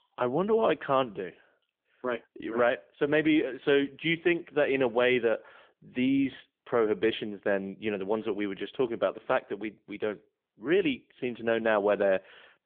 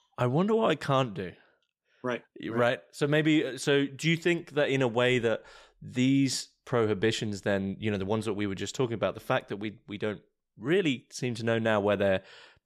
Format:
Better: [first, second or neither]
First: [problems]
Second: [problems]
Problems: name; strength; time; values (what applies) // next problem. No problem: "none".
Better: second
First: phone-call audio; nothing above 3.5 kHz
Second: none